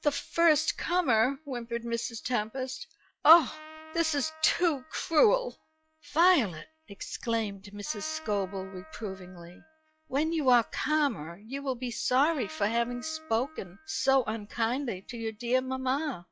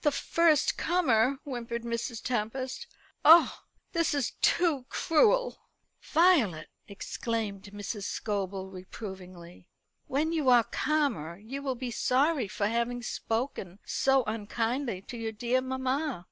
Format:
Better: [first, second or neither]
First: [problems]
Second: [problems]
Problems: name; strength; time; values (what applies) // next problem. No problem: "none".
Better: second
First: noise reduction (classical method log-MMSE)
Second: none